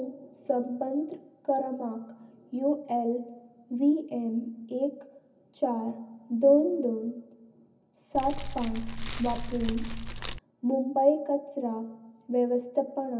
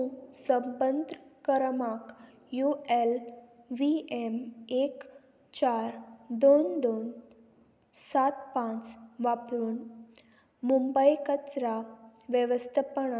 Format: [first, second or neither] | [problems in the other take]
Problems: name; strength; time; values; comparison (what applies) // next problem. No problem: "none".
second | background sound (Fire); 4 dB below the speech // room echo; dies away in 0.4 s